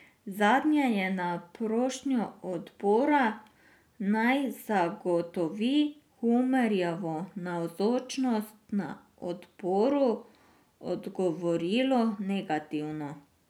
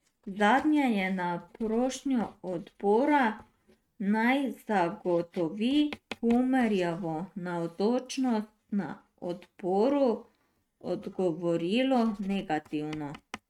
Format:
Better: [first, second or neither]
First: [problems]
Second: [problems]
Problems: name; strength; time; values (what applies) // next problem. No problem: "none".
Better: first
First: none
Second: noise reduction (neural mask model RNNoise)